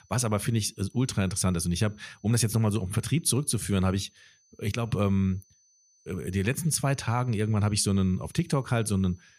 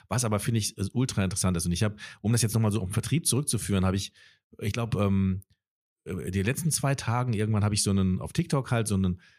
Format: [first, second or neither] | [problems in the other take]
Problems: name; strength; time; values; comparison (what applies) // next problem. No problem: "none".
second | high-pitched whine; faint; throughout; 6 kHz, 35 dB below the speech